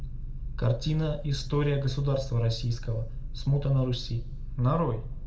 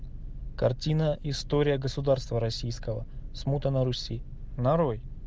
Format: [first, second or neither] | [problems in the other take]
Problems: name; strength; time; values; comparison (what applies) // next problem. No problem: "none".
second | room echo; dies away in 0.4 s